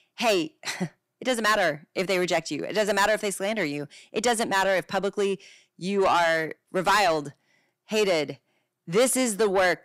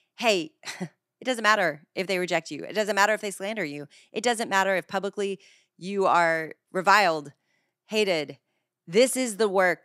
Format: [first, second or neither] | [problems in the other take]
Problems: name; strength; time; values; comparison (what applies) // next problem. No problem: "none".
second | distortion; heavy; 8 dB below the speech